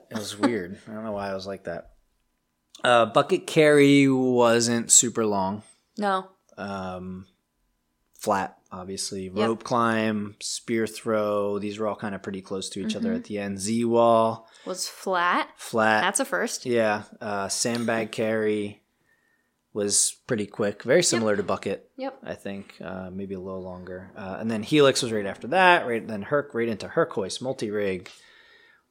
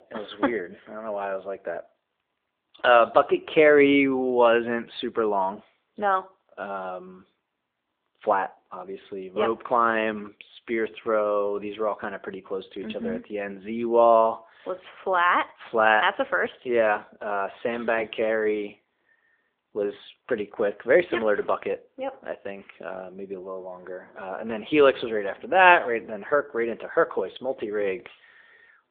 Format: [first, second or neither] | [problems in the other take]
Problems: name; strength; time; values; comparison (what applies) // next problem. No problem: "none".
first | phone-call audio